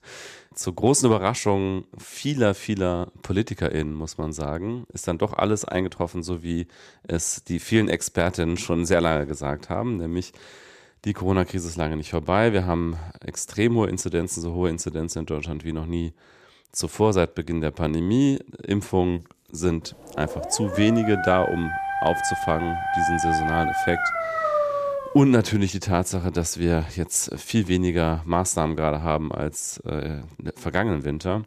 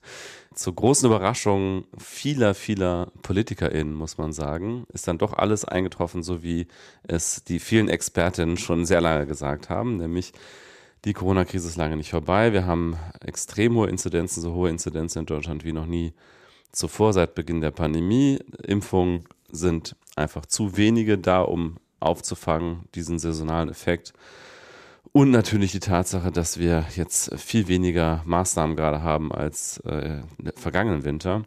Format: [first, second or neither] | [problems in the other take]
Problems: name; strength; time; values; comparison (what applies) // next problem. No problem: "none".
second | dog barking; loud; from 20 to 25 s; peak 2 dB above the speech